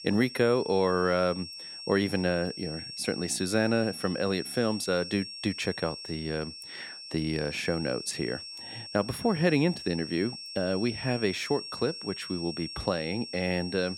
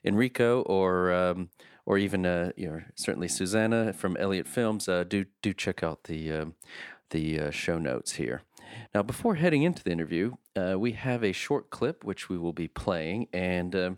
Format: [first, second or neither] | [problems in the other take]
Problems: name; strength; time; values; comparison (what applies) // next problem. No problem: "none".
second | high-pitched whine; loud; throughout; 5.5 kHz, 9 dB below the speech